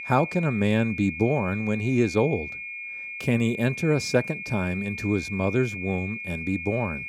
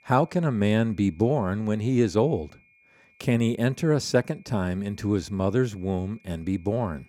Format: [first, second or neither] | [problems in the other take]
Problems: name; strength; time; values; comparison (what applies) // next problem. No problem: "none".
second | high-pitched whine; loud; throughout; 2.5 kHz, 8 dB below the speech; faint in the second